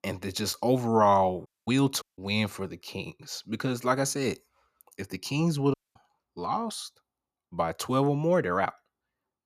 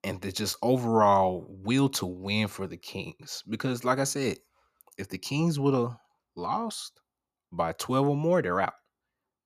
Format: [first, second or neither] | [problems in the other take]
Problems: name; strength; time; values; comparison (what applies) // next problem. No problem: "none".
second | audio cutting out; at 1.5 s, at 2 s and at 5.5 s